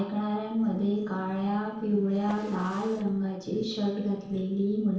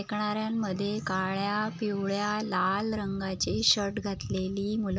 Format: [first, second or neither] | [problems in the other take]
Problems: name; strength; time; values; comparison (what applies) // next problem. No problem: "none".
second | noise reduction (neural separator model SepFormer DNS4)